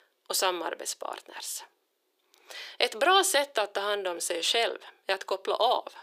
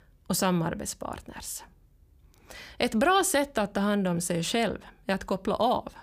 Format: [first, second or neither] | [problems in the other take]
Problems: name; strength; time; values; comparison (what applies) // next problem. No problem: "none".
second | thin; very; fading below 350 Hz